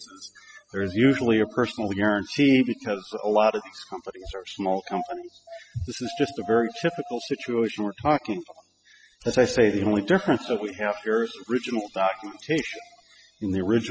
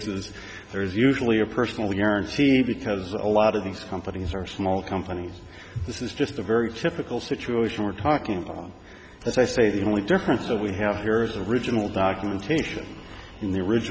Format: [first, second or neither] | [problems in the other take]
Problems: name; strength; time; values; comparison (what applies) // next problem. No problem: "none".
second | noise reduction (classical method spectral subtraction)